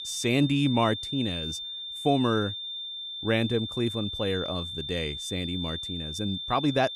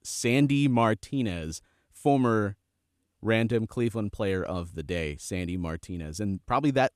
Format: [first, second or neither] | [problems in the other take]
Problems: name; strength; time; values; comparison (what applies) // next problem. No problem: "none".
second | high-pitched whine; loud; throughout; 3.5 kHz, 5 dB below the speech